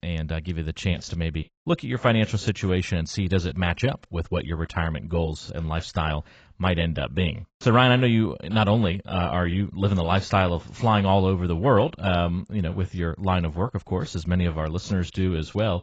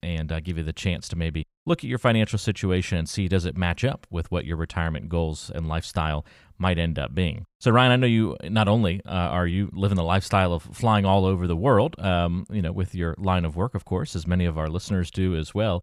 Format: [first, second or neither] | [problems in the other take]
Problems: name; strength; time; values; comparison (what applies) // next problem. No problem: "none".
second | garbled, watery; badly; nothing above 7.5 kHz